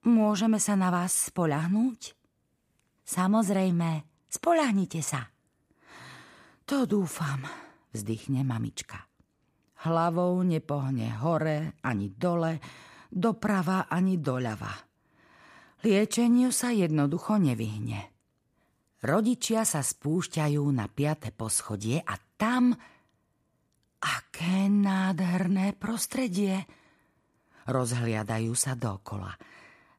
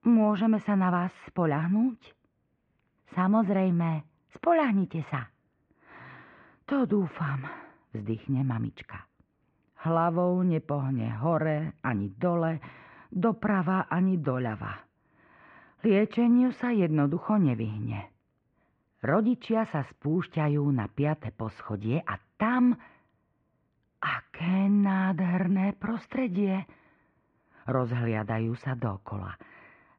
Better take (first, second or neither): first